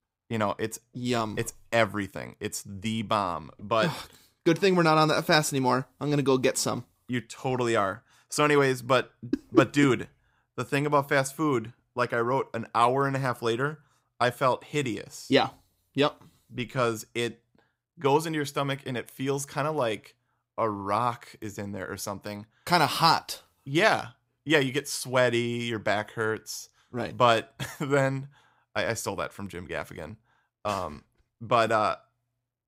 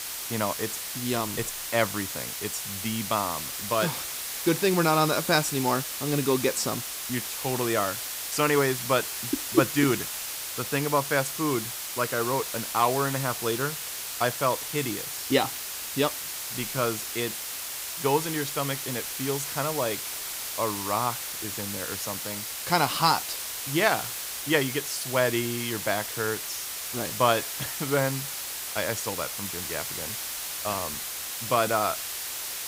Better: first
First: none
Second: hiss; loud; throughout; 3 dB below the speech

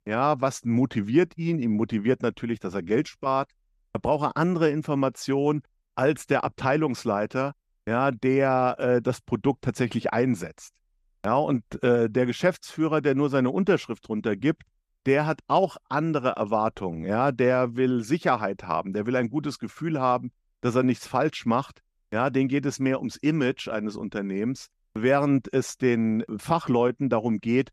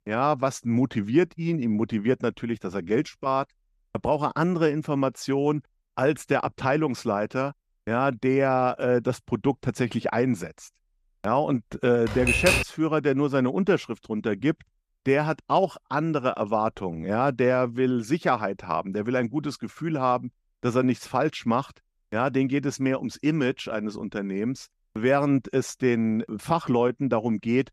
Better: first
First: none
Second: keyboard typing; loud; at 12 s; peak 5 dB above the speech

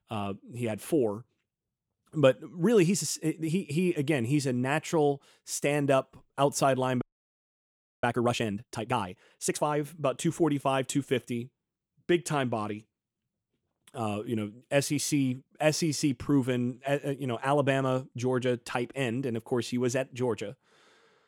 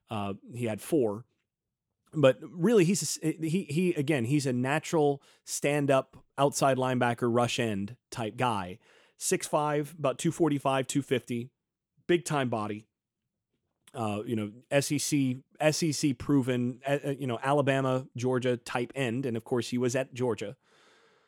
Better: second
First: audio freezing; at 7 s for 1 s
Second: none

